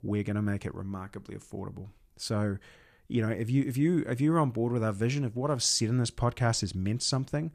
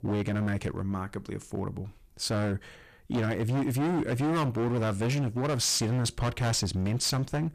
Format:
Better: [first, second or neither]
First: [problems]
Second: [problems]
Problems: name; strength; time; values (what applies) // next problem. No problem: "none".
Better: first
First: none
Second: distortion; heavy; 24% of the sound clipped